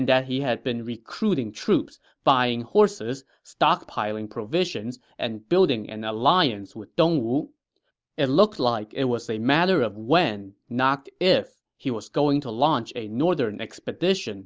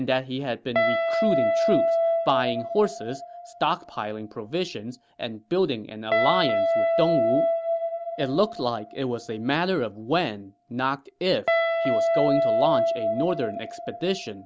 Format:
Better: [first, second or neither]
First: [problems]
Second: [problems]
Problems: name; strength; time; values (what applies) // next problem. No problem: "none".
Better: first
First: none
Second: background sound (Guitar); 1 dB above the speech